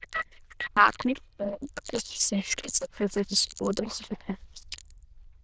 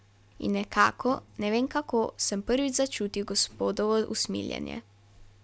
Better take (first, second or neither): second